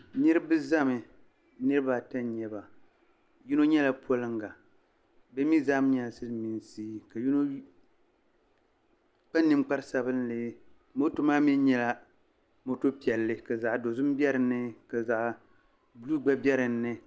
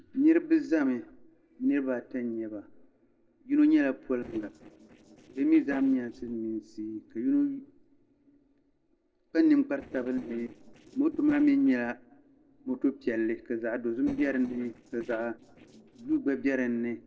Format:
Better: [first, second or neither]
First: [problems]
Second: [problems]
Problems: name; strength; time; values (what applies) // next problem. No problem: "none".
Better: first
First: none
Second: noise reduction (neural separator model SepFormer DNS4)